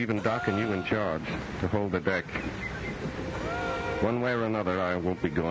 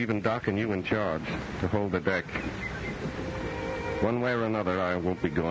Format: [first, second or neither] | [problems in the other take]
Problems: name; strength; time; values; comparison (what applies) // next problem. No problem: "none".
second | background sound (Gasp); 12 dB below the speech